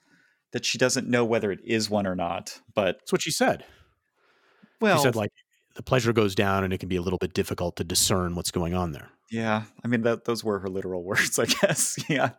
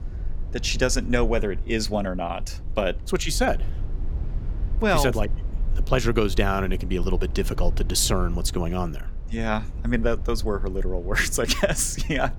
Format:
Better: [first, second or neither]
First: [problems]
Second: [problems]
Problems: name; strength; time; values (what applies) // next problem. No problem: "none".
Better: first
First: none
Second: low rumble; faint; throughout; 20 dB below the speech